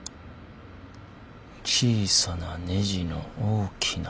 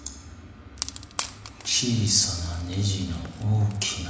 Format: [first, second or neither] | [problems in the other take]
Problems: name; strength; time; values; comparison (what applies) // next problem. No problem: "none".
first | background sound (Wood); 14 dB below the speech // room echo; dies away in 1 s